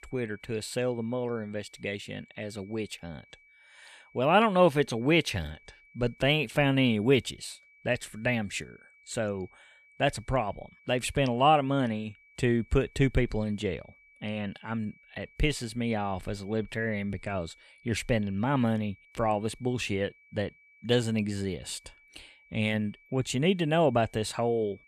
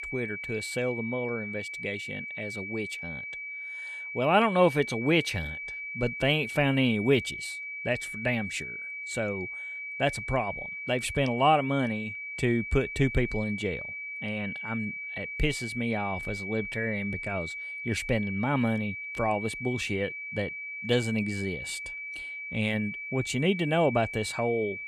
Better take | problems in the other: first | high-pitched whine; loud; throughout; 2.5 kHz, 6 dB below the speech; faint in the first

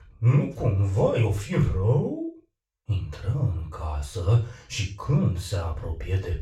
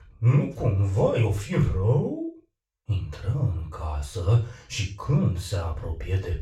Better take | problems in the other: neither | room echo; noticeable; dies away in 0.3 s; the same in both // off-mic speech; far; the same in both

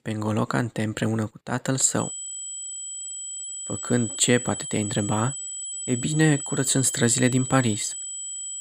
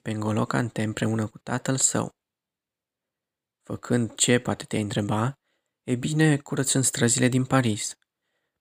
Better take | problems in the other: second | high-pitched whine; loud; from 2 s on; 8 kHz, 7 dB below the speech

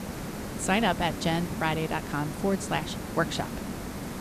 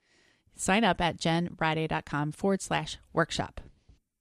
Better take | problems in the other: second | hiss; loud; throughout; 7 dB below the speech

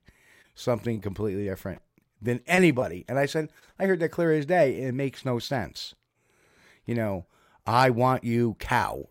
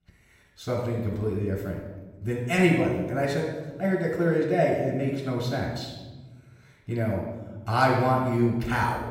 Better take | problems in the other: first | off-mic speech; far // room echo; noticeable; dies away in 1.1 s

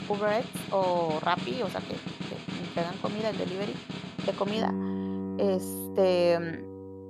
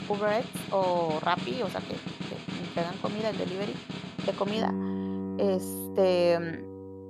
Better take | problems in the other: neither | background music; loud; throughout; 7 dB below the speech; the same in both

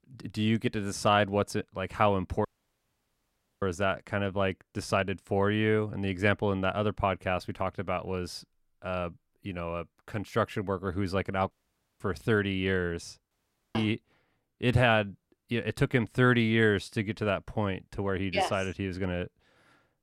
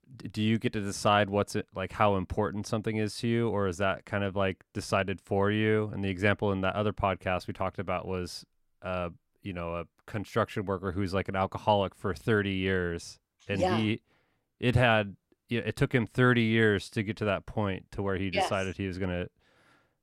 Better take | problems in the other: second | audio cutting out; at 2.5 s for 1 s, at 12 s and at 13 s

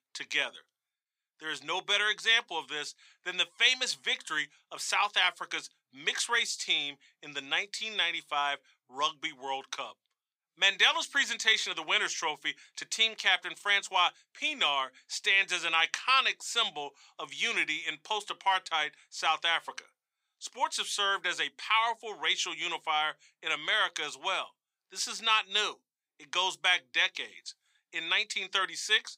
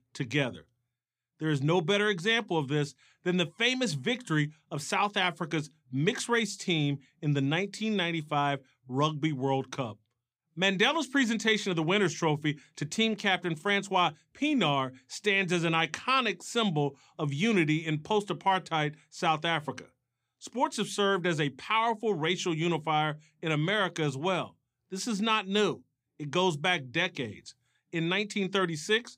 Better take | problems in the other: second | thin; very; fading below 950 Hz

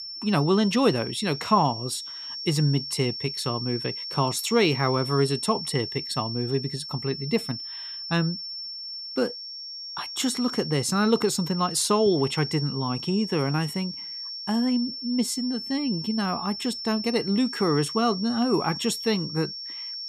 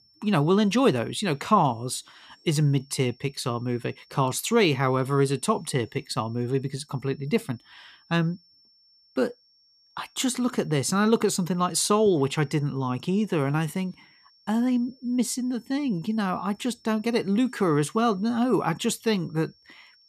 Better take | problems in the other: second | high-pitched whine; loud; throughout; 5.5 kHz, 7 dB below the speech; faint in the second

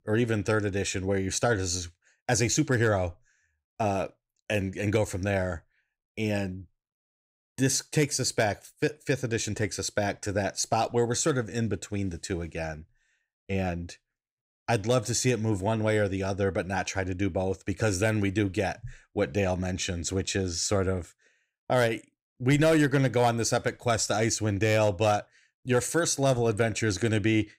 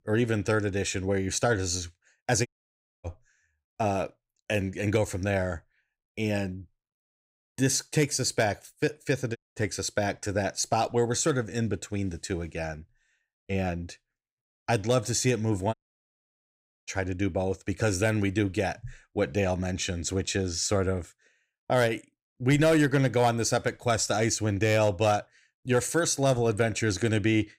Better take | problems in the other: first | audio cutting out; at 2.5 s for 0.5 s, at 9.5 s and at 16 s for 1 s

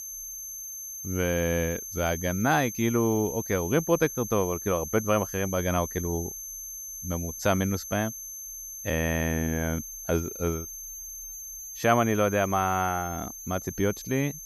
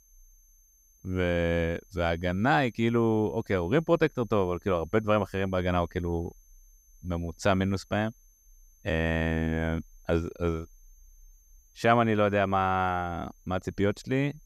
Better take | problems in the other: second | high-pitched whine; loud; throughout; 6.5 kHz, 8 dB below the speech; faint in the second

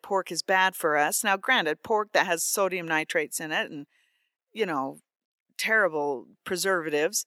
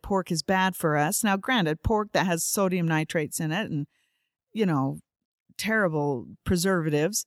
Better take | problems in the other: second | thin; somewhat; fading below 450 Hz

